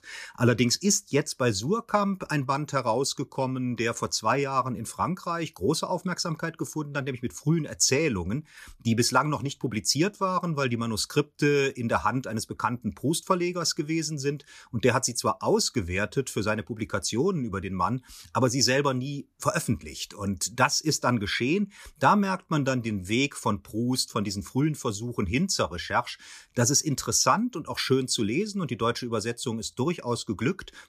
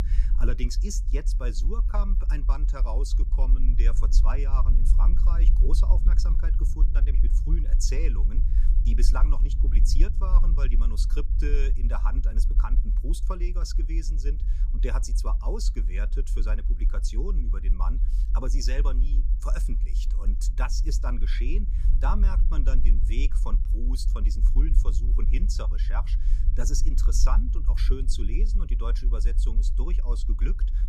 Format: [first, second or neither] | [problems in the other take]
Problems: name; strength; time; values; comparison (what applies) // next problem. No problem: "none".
first | low rumble; loud; throughout; 10 dB below the speech